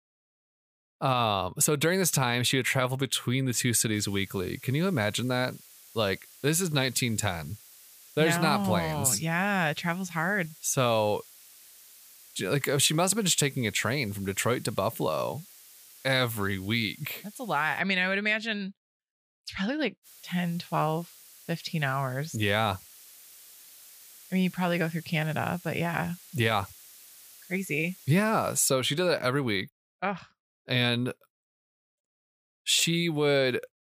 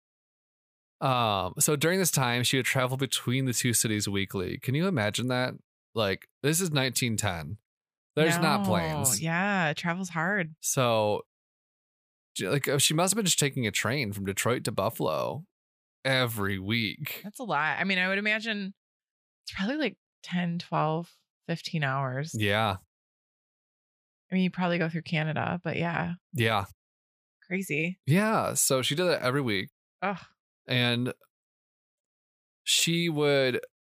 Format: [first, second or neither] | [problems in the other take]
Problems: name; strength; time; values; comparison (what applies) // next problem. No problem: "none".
second | hiss; faint; from 4 to 18 s and from 20 to 29 s; 20 dB below the speech